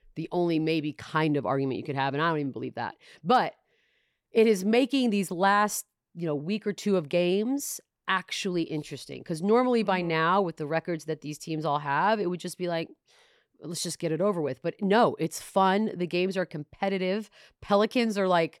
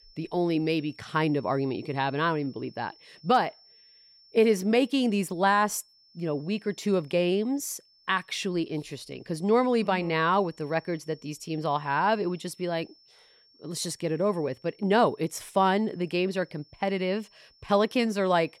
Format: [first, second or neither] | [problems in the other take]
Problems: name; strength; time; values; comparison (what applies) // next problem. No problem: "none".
first | high-pitched whine; faint; throughout; 5.5 kHz, 30 dB below the speech